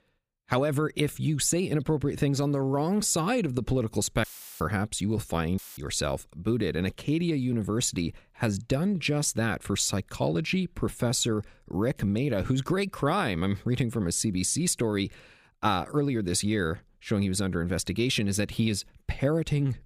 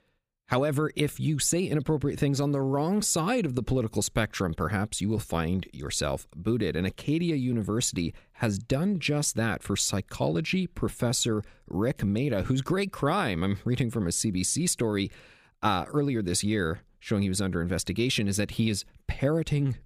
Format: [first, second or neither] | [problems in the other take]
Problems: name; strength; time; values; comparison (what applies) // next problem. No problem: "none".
second | audio cutting out; filled with static; at 4 s and at 5.5 s